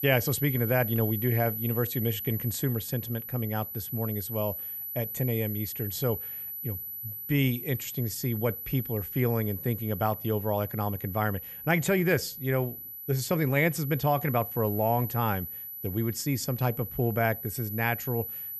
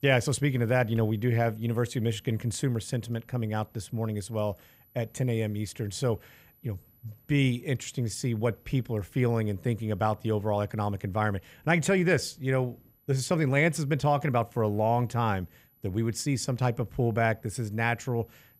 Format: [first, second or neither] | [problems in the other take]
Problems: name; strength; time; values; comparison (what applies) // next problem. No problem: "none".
second | high-pitched whine; loud; throughout; 12 kHz, 6 dB below the speech; faint in the second